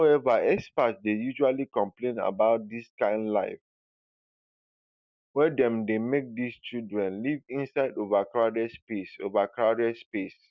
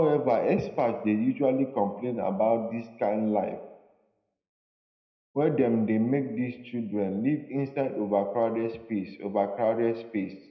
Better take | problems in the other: first | room echo; dies away in 0.8 s

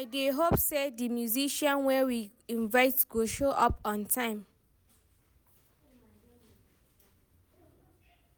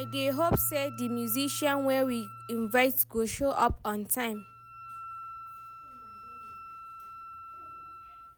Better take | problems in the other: first | background sound (Wind instrument, woodwind instrument + Piano); 14 dB below the speech

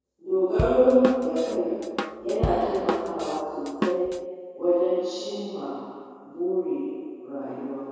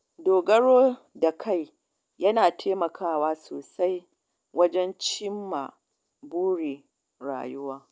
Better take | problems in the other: second | background sound (Drum / Drum kit); 6 dB below the speech // room echo; dies away in 2 s

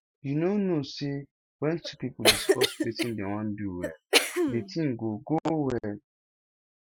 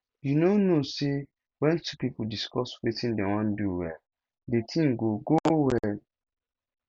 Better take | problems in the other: second | noise reduction (classical method Wiener filter)

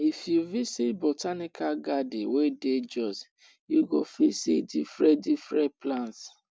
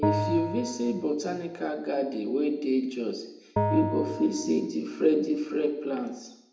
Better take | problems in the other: first | background sound (Bell); 5 dB below the speech // room echo; dies away in 0.7 s

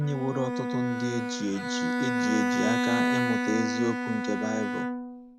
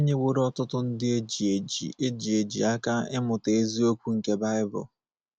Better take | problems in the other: second | background sound (Bowed string instrument); 3 dB above the speech

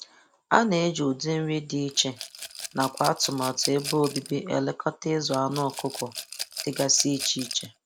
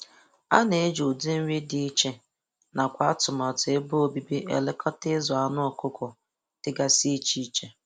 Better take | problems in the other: second | background sound (Rattle / Glass); 10 dB below the speech

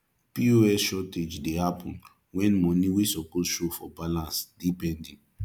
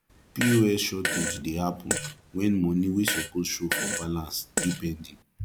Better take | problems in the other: first | background sound (Fart); 5 dB below the speech

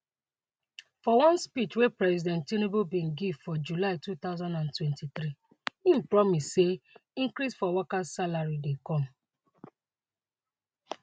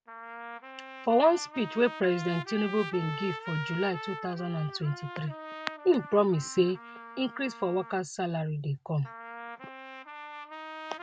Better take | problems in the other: first | background sound (Trumpet); 12 dB below the speech

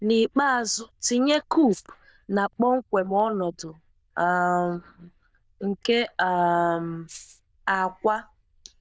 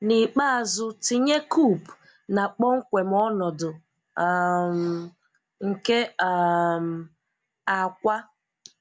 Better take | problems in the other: second | noise reduction (neural diffusion model UNIVERSE++)

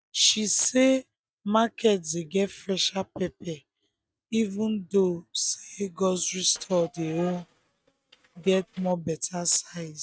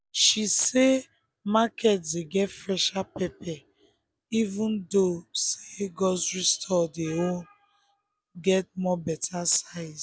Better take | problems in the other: second | noise reduction (neural mask model RNNoise)

